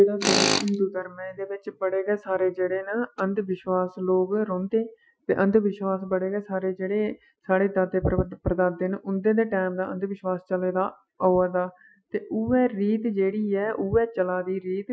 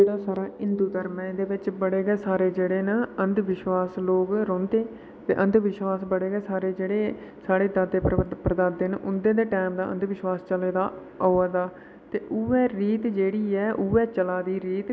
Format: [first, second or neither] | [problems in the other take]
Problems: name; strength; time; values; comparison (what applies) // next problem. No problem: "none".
second | noise reduction (classical method Wiener filter)